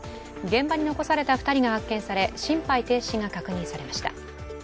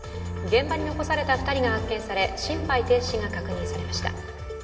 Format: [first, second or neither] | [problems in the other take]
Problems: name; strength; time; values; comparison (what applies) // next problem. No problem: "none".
first | background sound (Bowed string instrument); 7 dB below the speech // room echo; dies away in 2.6 s